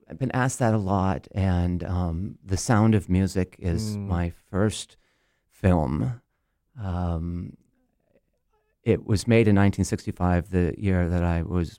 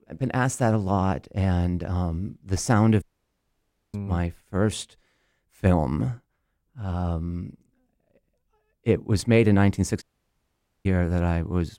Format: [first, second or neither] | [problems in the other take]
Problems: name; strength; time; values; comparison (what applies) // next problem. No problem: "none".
first | audio cutting out; at 3 s for 1 s and at 10 s for 1 s